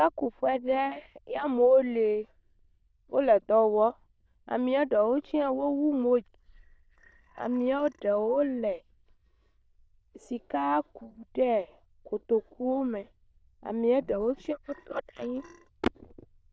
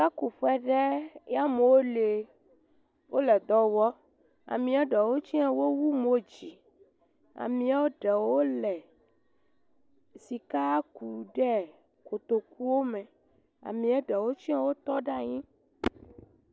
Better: second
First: noise reduction (neural diffusion model UNIVERSE++)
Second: none

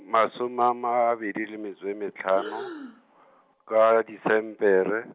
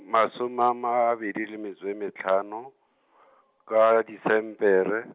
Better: second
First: background sound (Breathing); 16 dB below the speech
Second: none

